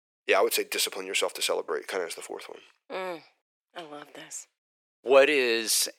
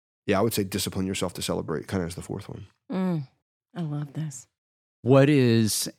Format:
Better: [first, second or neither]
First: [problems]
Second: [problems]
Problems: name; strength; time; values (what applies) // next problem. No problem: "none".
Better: second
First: thin; very; fading below 450 Hz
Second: none